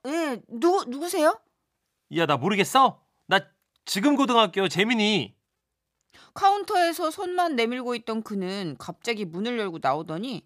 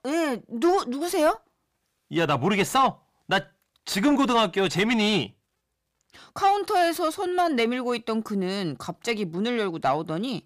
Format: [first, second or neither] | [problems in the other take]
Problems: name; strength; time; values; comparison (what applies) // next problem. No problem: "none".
first | distortion; slight; 10 dB below the speech